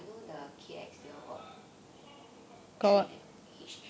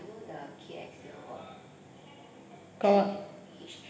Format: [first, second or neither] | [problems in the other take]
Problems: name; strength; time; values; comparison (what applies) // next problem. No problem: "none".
first | room echo; dies away in 1.1 s